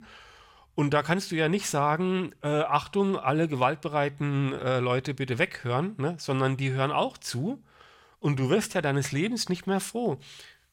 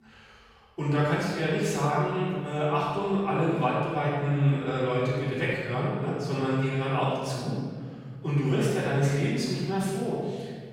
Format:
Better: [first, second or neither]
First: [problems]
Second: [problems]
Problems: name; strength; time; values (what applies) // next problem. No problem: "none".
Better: first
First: none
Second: off-mic speech; far // room echo; strong; dies away in 1.9 s